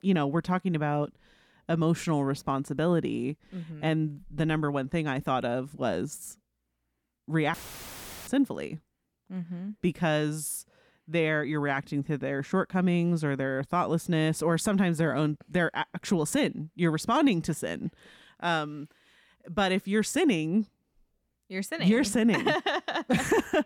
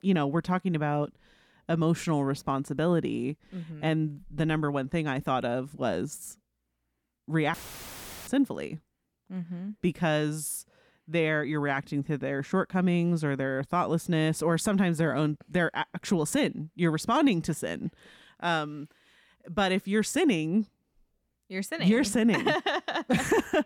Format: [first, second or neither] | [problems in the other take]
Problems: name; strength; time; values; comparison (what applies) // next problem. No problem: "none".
neither | audio cutting out; filled with static; at 7.5 s for 0.5 s; the same in both